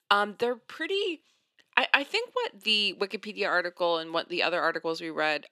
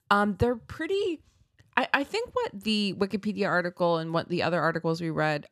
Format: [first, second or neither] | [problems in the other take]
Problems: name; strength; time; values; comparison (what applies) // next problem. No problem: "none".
second | thin; somewhat; fading below 300 Hz